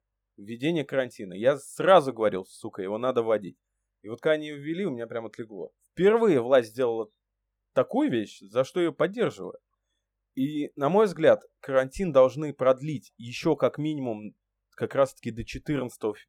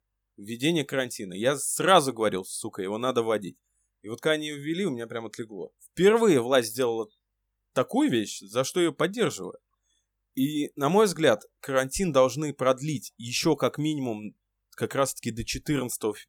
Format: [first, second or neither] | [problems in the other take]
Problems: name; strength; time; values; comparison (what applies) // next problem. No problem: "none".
second | muffled; very; fading above 4 kHz